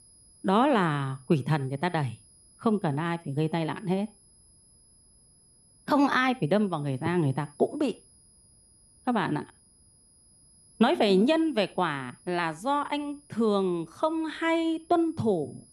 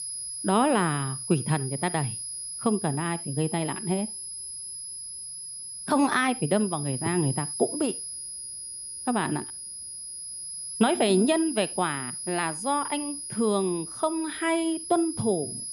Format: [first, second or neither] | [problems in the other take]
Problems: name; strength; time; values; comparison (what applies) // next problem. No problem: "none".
first | high-pitched whine; loud; throughout; 10.5 kHz, 6 dB below the speech; faint in the first